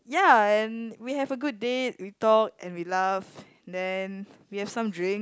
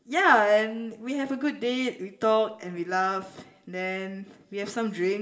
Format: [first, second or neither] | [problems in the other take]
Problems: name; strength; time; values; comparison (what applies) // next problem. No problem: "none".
first | room echo; dies away in 0.5 s